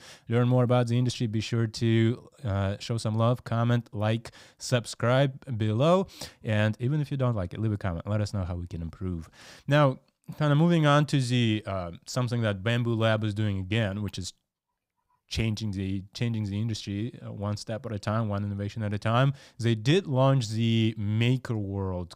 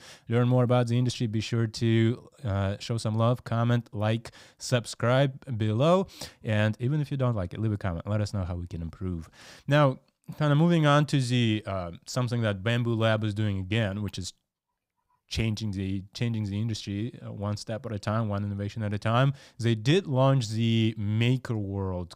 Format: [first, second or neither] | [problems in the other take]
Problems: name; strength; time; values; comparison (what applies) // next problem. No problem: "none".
neither | none